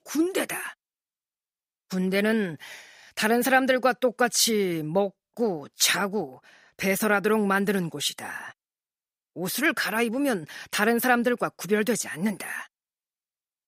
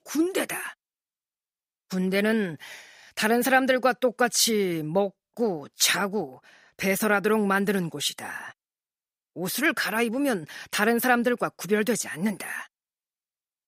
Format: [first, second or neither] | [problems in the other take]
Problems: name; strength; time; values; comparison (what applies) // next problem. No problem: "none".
neither | none